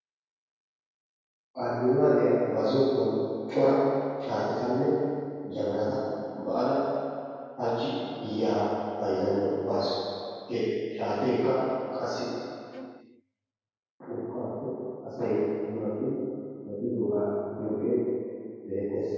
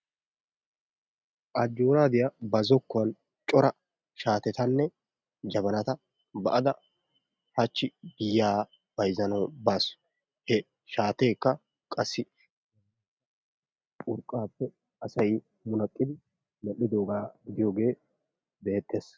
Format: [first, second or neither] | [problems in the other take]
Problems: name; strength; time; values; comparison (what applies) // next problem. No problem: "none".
second | background sound (Bowed string instrument); 20 dB below the speech // room echo; dies away in 2.2 s